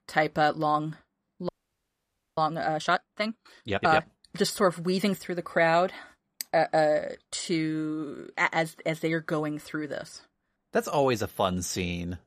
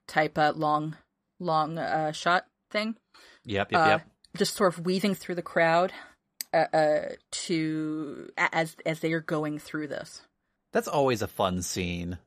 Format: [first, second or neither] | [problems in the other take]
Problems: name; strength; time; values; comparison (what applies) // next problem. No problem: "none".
second | audio freezing; at 1.5 s for 1 s